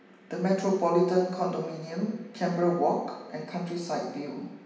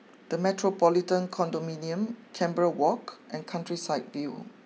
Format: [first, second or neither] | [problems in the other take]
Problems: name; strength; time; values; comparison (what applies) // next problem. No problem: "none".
second | room echo; dies away in 0.9 s